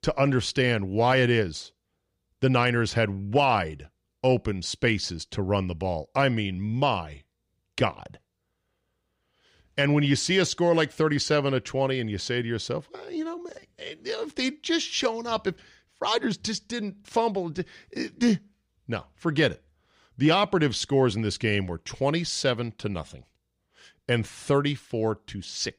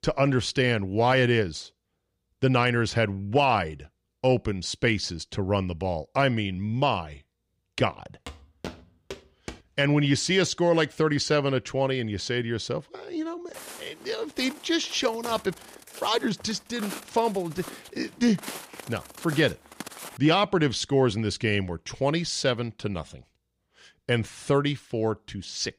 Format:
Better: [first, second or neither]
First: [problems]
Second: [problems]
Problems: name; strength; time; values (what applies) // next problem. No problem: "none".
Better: first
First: none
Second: footsteps; faint; from 8.5 to 9.5 s and from 14 to 20 s; peak 10 dB below the speech